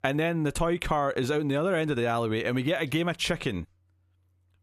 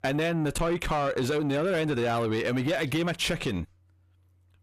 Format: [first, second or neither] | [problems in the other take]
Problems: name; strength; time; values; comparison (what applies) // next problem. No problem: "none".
first | distortion; slight; 10 dB below the speech